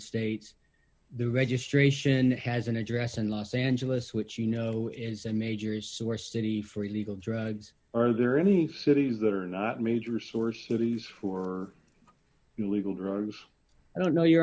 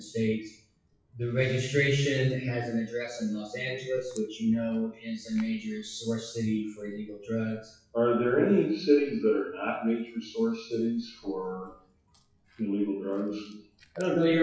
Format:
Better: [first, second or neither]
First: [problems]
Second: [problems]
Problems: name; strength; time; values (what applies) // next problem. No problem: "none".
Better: first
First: none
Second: noise reduction (classical method WPE with log-MMSE)